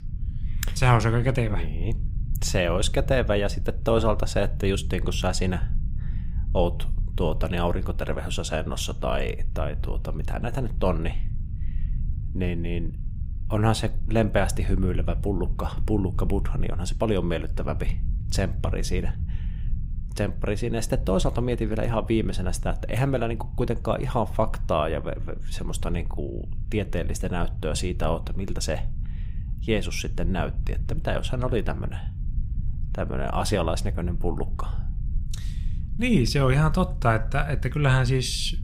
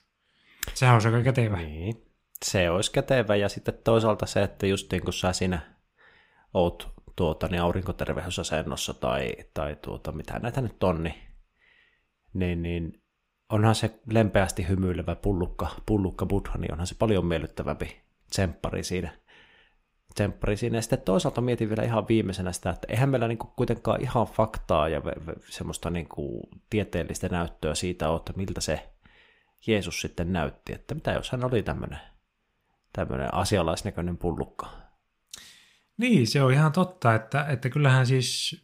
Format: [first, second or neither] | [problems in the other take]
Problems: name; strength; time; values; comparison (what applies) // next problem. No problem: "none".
second | low rumble; faint; throughout; 20 dB below the speech